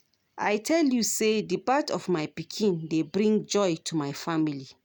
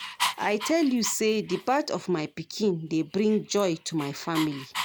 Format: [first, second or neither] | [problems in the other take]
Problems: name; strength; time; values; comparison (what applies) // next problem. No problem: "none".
first | background sound (Dog); 11 dB below the speech